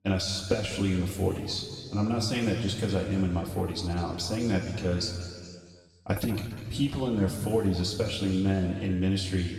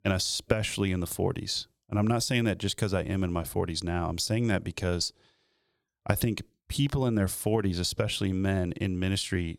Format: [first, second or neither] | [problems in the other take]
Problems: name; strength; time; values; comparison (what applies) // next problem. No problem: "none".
second | room echo; noticeable; dies away in 2 s // off-mic speech; far